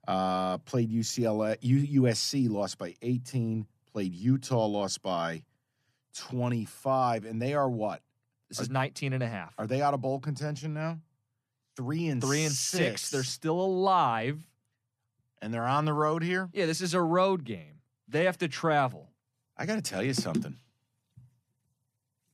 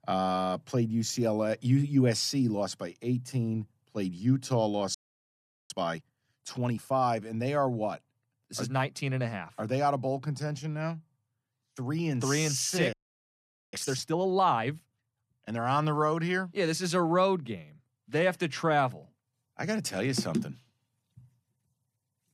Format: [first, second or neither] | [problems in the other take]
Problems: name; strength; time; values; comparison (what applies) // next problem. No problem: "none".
first | audio freezing; at 5 s for 1 s and at 13 s for 1 s